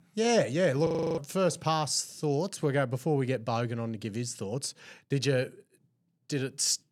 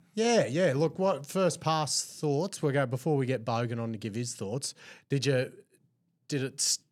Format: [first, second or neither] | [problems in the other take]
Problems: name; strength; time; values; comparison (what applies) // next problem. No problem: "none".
second | audio freezing; at 1 s